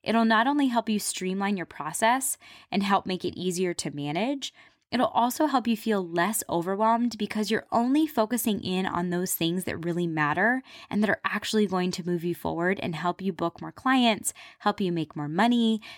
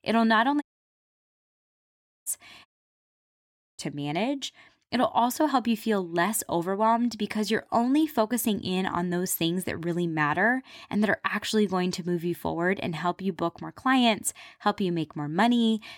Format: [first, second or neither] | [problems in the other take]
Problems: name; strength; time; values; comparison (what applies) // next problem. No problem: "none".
first | audio cutting out; at 0.5 s for 1.5 s and at 2.5 s for 1 s